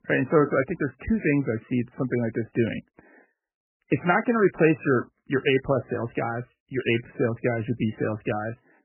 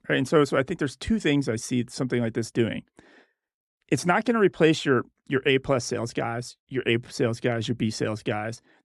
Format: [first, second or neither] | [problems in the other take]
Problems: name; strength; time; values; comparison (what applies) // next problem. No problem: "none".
second | garbled, watery; badly; nothing above 3 kHz